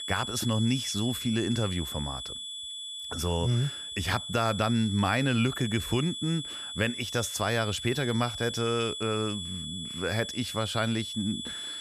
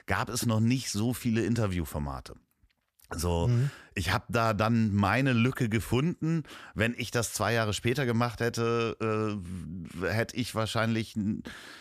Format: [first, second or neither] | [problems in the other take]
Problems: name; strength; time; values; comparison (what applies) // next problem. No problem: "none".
second | high-pitched whine; loud; throughout; 3.5 kHz, 6 dB below the speech